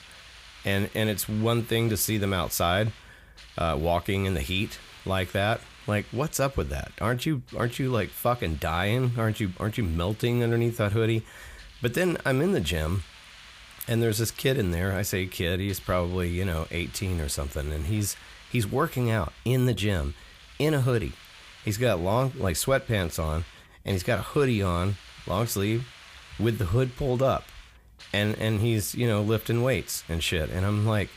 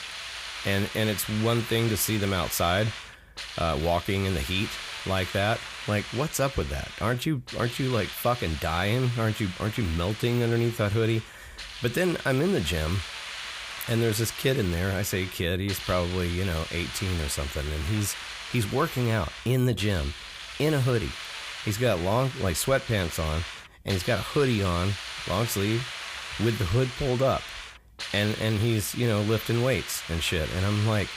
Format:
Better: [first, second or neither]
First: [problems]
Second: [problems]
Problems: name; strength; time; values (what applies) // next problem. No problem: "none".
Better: first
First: hiss; faint; throughout; 20 dB below the speech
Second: hiss; loud; throughout; 9 dB below the speech